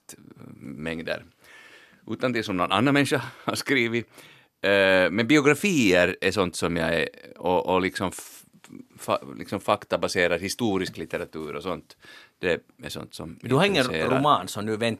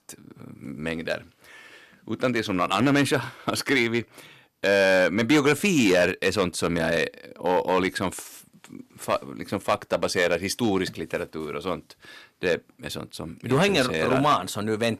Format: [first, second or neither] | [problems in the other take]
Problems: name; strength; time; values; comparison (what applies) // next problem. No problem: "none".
first | distortion; slight; 3% of the sound clipped